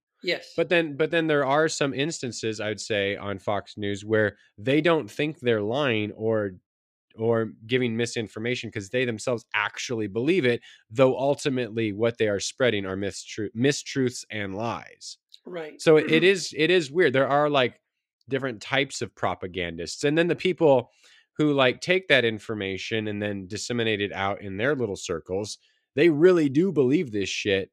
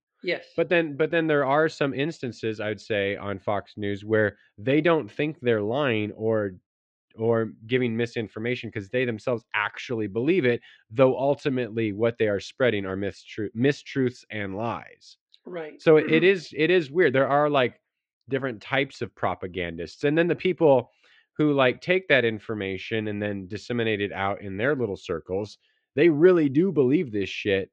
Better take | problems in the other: first | muffled; slightly; fading above 3 kHz

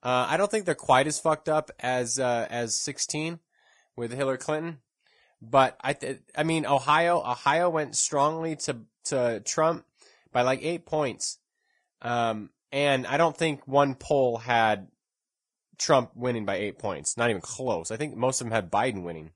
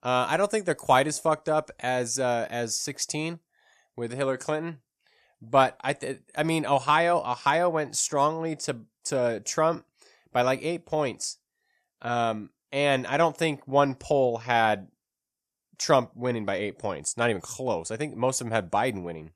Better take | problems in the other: second | garbled, watery; slightly

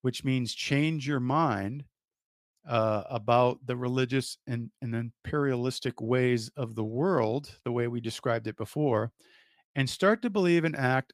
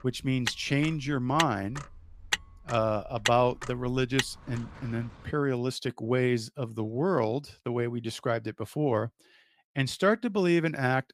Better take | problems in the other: first | traffic noise; loud; until 5.5 s; 5 dB below the speech

